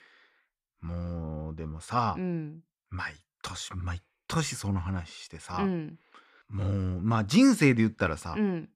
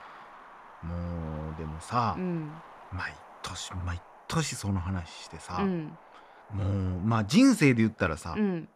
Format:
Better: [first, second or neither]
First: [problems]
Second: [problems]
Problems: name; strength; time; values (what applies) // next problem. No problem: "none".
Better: first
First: none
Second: wind noise on the microphone; occasional gusts; 15 dB below the speech